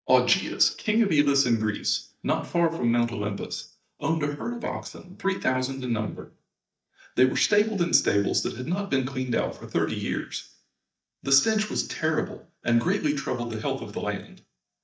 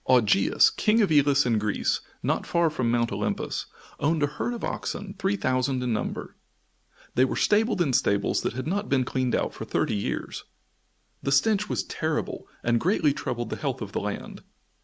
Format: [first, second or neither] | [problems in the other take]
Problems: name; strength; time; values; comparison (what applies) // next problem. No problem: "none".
second | noise reduction (neural mask model DeepFilterNet 3)